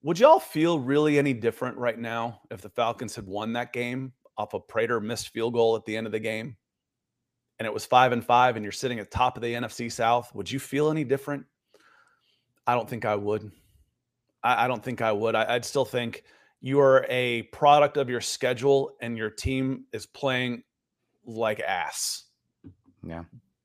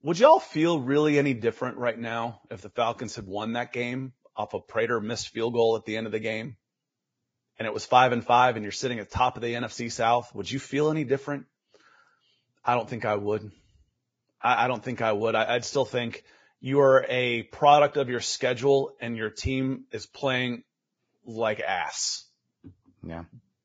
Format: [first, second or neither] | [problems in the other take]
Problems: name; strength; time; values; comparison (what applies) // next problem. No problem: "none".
first | garbled, watery; badly; nothing above 7.5 kHz